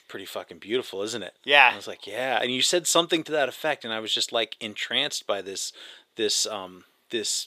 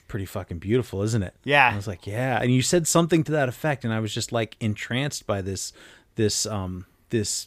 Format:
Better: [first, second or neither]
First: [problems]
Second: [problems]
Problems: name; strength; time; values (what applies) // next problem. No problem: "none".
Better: second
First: thin; somewhat; fading below 450 Hz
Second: none